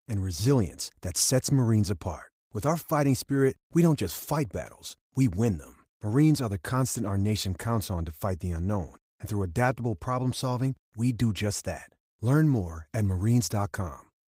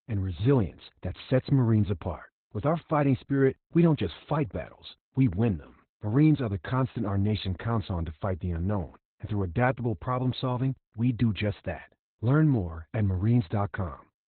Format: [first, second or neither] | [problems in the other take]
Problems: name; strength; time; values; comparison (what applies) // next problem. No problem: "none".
first | garbled, watery; badly; nothing above 4 kHz; slightly in the first